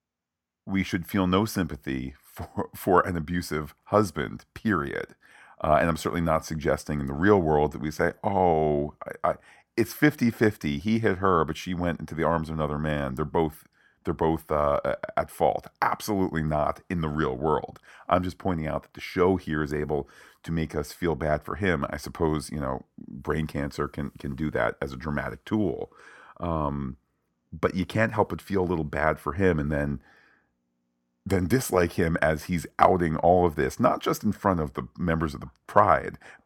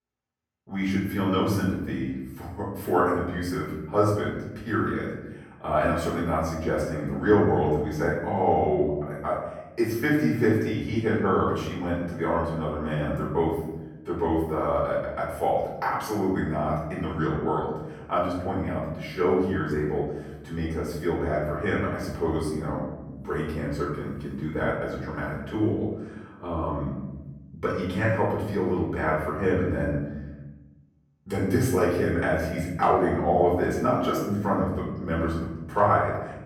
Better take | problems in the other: first | off-mic speech; far // room echo; noticeable; dies away in 1.1 s

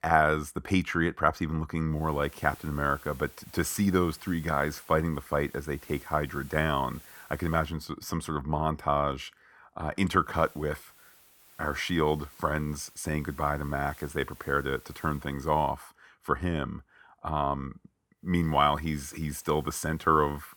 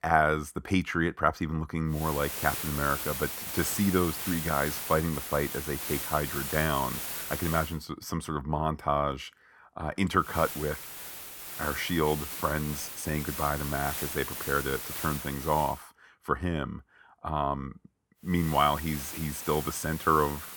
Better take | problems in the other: first | hiss; loud; from 2 to 7.5 s, from 10 to 16 s and from 18 s on; 5 dB below the speech; faint in the first

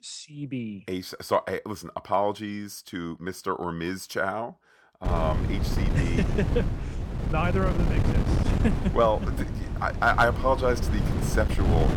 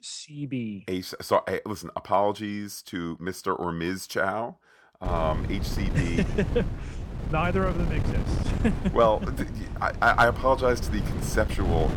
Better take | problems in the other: second | wind noise on the microphone; heavy; from 5 s on; 9 dB below the speech; occasional gusts in the second

